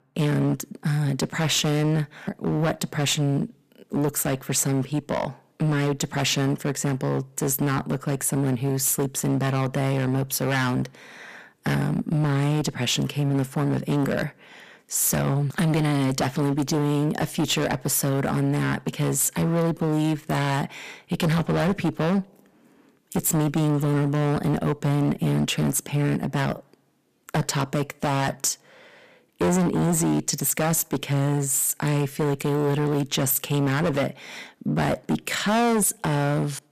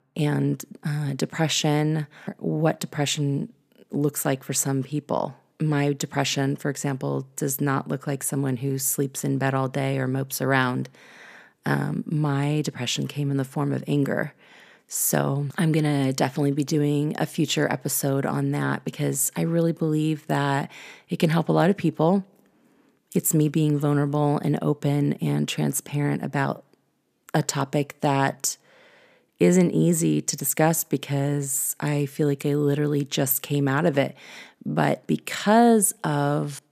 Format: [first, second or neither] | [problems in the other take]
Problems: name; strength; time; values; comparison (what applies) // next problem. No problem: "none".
second | distortion; heavy; 15% of the sound clipped